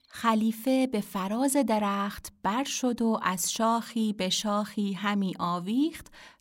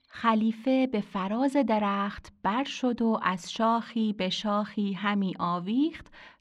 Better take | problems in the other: first | muffled; slightly; fading above 3 kHz

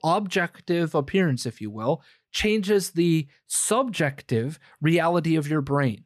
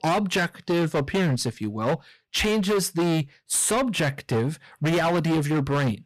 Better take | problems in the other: first | distortion; heavy; 22% of the sound clipped

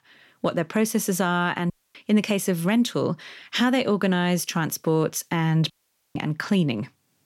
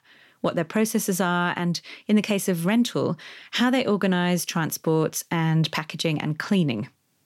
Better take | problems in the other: second | audio cutting out; at 1.5 s and at 5.5 s

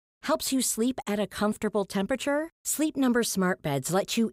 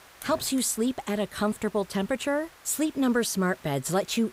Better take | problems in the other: first | hiss; faint; throughout; 20 dB below the speech

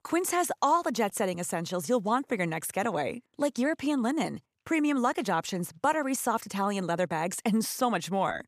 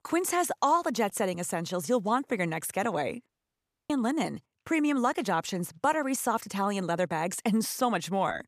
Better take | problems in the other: first | audio cutting out; at 3.5 s for 0.5 s

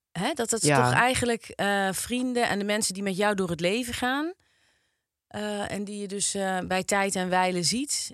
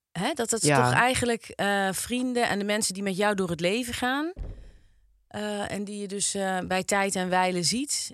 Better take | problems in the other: first | door banging; faint; at 4.5 s; peak 15 dB below the speech

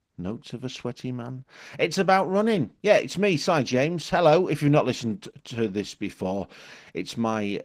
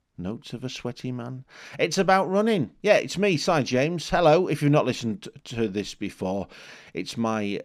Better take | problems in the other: second | garbled, watery; slightly; nothing above 15.5 kHz

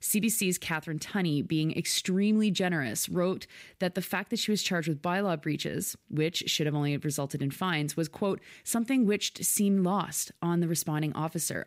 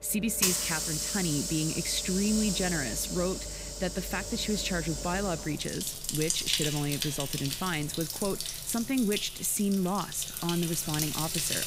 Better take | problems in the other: first | household noises; loud; throughout; 1 dB below the speech

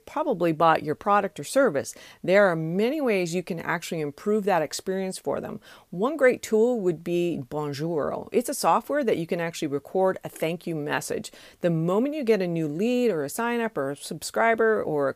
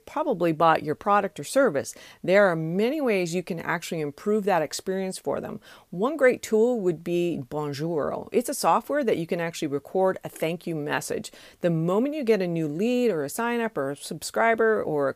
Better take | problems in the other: neither | none

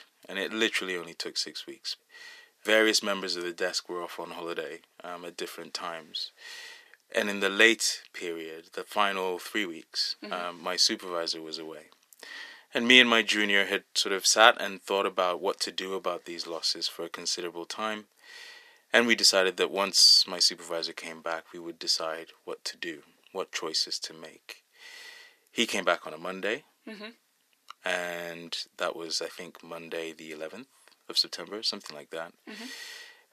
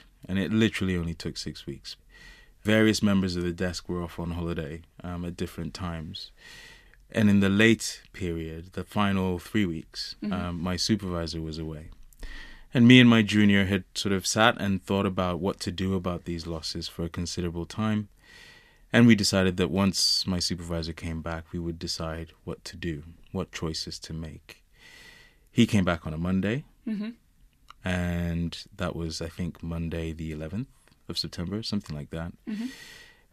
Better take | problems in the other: second | thin; very; fading below 450 Hz

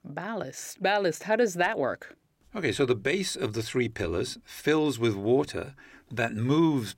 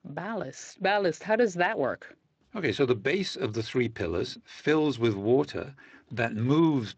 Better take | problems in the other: first | garbled, watery; slightly; nothing above 7.5 kHz

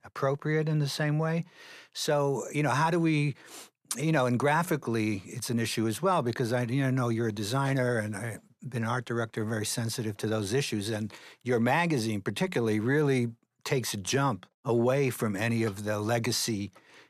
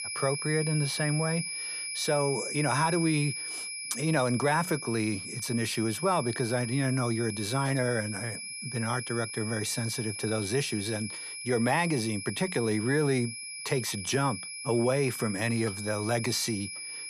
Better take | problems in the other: first | high-pitched whine; loud; throughout; 2.5 kHz, 6 dB below the speech

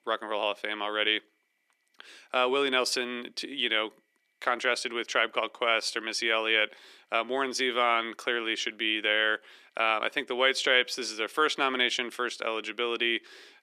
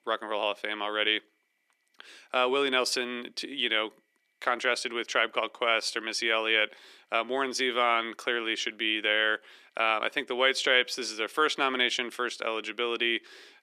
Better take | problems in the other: neither | thin; very slightly; fading below 300 Hz; the same in both

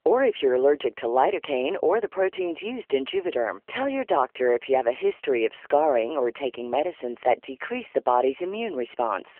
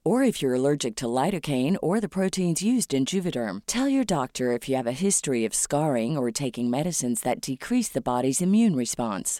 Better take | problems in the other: second | phone-call audio; nothing above 3 kHz

